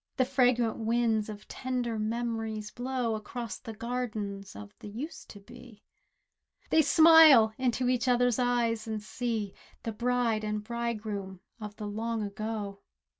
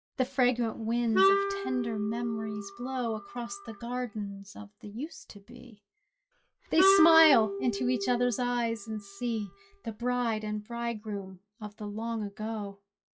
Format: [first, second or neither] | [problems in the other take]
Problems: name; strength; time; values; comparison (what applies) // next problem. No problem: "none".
first | noise reduction (classical method log-MMSE)